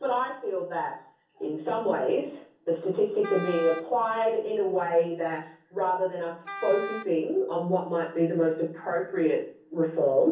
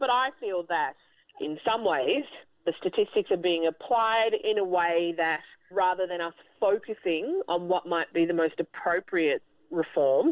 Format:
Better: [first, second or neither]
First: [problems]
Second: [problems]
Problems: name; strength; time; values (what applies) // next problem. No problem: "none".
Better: second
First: background sound (Wind instrument, woodwind instrument); 13 dB below the speech // room echo; dies away in 0.6 s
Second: none